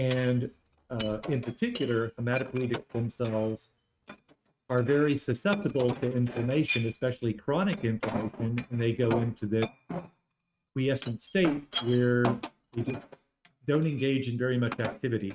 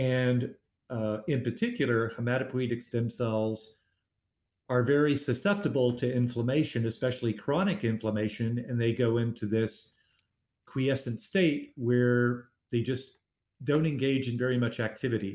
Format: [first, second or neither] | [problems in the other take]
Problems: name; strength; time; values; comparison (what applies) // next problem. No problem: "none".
second | noise reduction (neural mask model RNNoise)